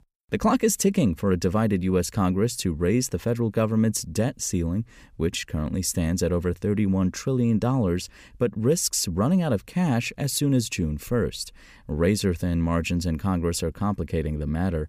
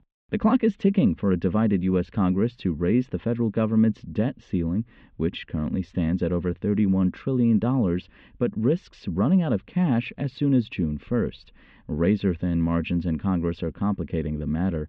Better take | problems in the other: first | muffled; very; fading above 3.5 kHz

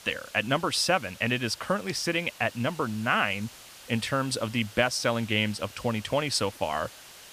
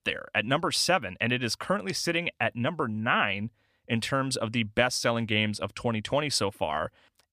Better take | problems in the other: second | hiss; noticeable; throughout; 20 dB below the speech

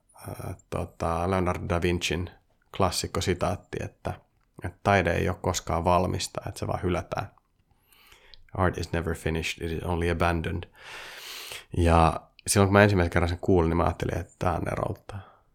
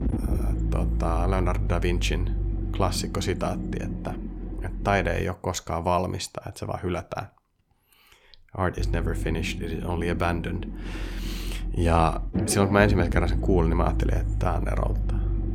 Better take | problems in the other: first | low rumble; noticeable; until 5 s and from 9 s on; 10 dB below the speech

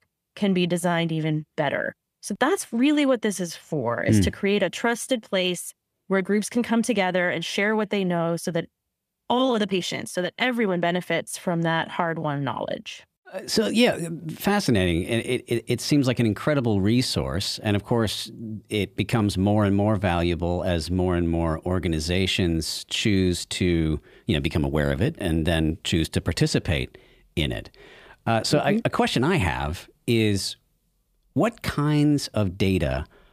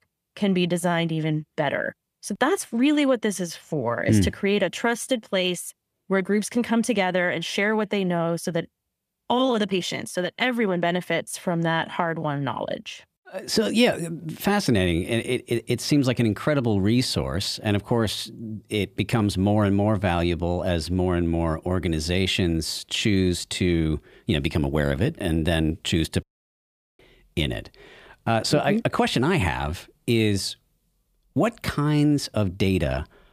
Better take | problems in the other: first | audio cutting out; at 26 s for 1 s

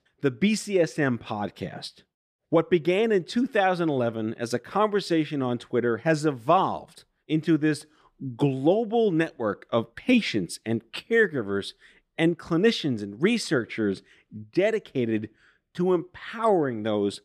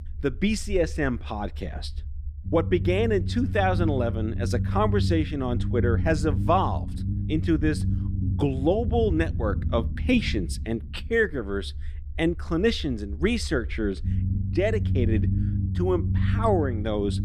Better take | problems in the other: first | low rumble; noticeable; throughout; 15 dB below the speech

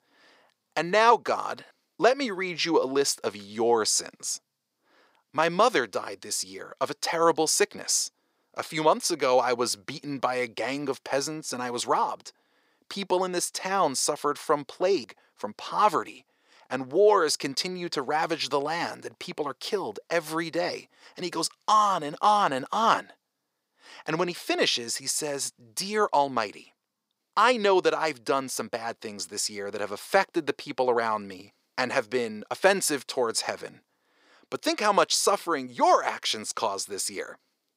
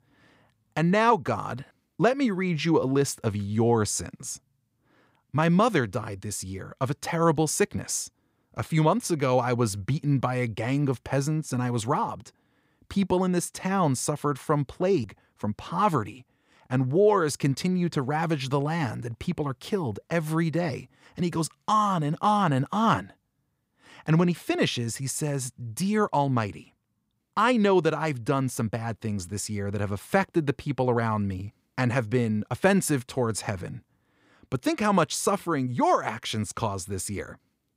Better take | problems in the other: second | thin; somewhat; fading below 450 Hz

